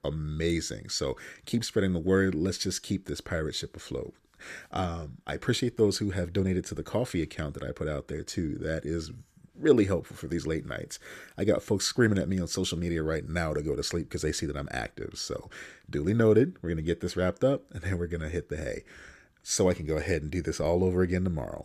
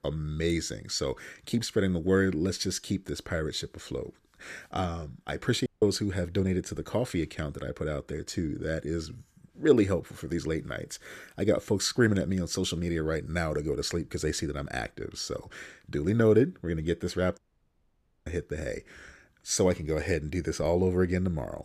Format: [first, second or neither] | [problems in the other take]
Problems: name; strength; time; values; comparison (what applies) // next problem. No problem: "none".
first | audio cutting out; at 5.5 s and at 17 s for 1 s